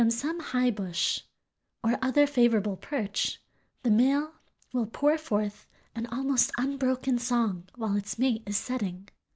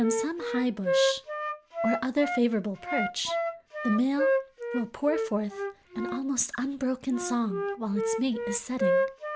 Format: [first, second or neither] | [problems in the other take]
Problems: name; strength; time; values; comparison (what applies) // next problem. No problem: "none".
first | background sound (Wind instrument, woodwind instrument); 1 dB below the speech